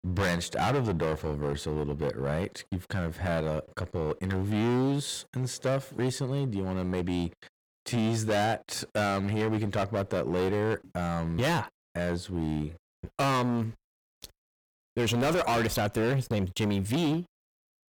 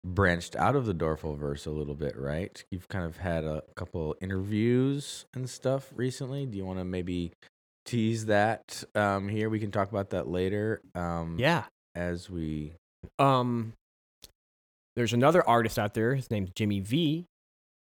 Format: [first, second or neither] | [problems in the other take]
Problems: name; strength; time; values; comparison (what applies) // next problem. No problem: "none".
second | distortion; heavy; 16% of the sound clipped